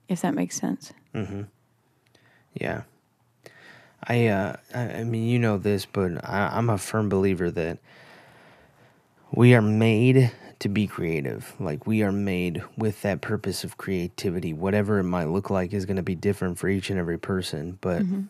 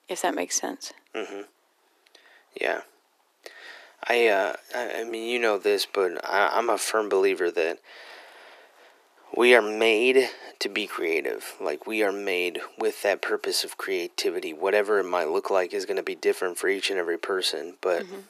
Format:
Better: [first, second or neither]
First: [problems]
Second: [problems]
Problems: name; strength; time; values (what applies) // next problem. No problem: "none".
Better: first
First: none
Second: thin; very; fading below 350 Hz